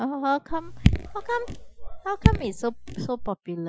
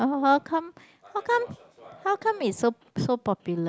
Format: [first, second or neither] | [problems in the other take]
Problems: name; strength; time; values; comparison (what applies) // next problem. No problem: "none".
second | noise reduction (classical method Wiener filter)